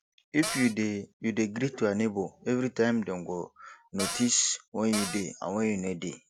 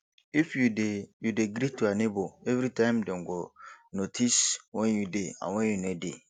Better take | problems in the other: second | background sound (Cupboard open or close); 5 dB below the speech

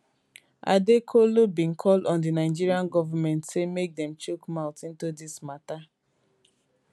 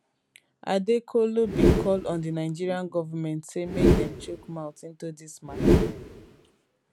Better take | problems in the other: first | background sound (Whoosh, swoosh, swish); 4 dB above the speech

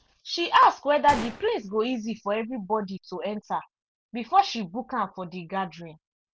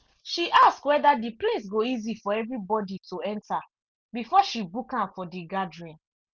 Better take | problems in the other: second | background sound (Gunshot, gunfire); 16 dB below the speech

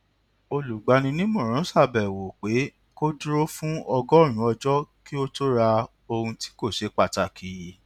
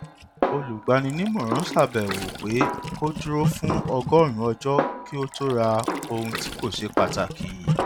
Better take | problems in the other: first | background sound (Gurgling + Snare drum); 4 dB below the speech

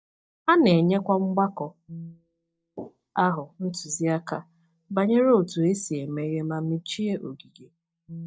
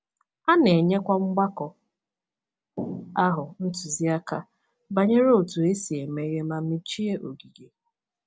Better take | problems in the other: second | noise reduction (neural mask model DeepFilterNet 3)

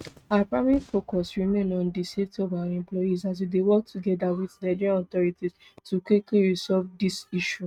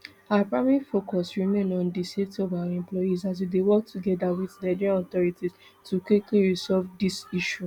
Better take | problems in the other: second | noise reduction (neural mask model RNNoise)

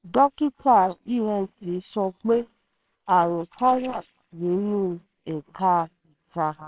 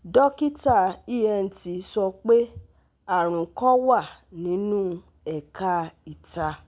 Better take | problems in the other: second | noise reduction (neural separator model SepFormer WHAMR!)

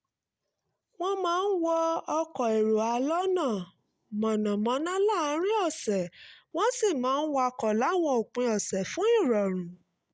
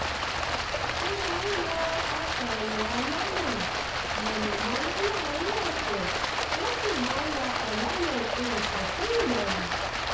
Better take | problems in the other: first | background sound (Stream); 4 dB above the speech // room echo; dies away in 0.6 s

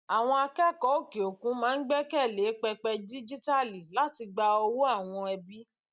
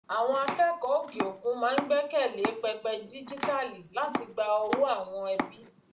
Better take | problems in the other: first | background sound (Domestic sounds, home sounds); 8 dB below the speech // room echo; dies away in 0.3 s

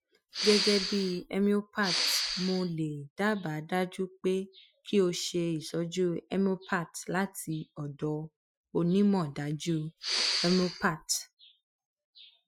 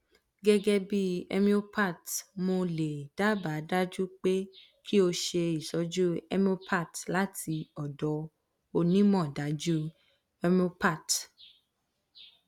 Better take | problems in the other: second | noise reduction (classical method Wiener filter)

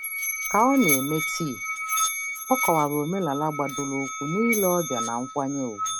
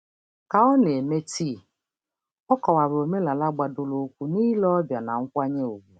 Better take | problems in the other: second | background sound (Musical instrument); 4 dB below the speech

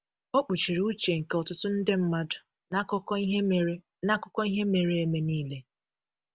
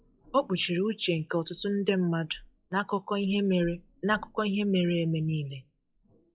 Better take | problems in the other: first | noise reduction (classical method log-MMSE)

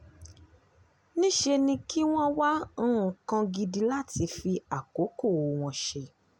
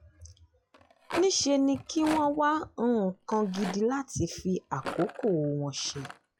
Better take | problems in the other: first | noise reduction (classical method log-MMSE)

